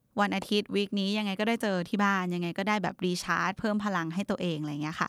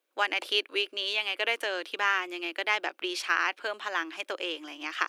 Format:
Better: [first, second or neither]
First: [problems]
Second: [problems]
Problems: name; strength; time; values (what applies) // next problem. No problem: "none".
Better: first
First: none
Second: thin; very; fading below 350 Hz